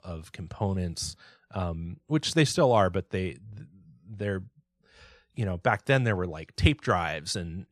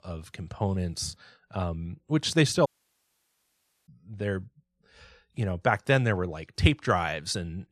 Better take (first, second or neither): first